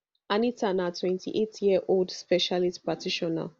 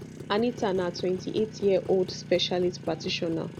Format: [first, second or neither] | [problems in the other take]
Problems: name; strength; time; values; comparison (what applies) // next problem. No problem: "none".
first | background sound (Motorcycle); 13 dB below the speech